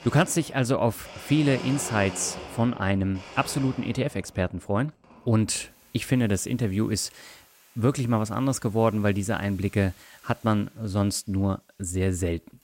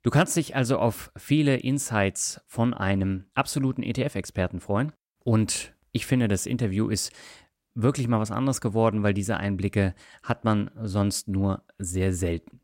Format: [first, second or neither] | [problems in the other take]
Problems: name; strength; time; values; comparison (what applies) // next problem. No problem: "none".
second | household noises; noticeable; throughout; 15 dB below the speech